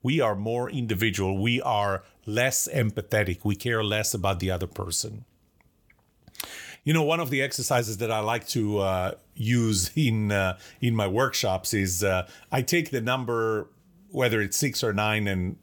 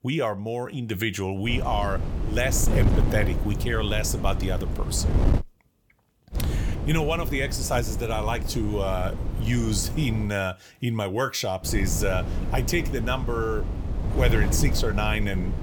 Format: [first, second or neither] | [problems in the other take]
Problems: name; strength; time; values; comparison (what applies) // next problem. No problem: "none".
first | wind noise on the microphone; heavy; from 1.5 to 5.5 s, from 6.5 to 10 s and from 12 s on; 9 dB below the speech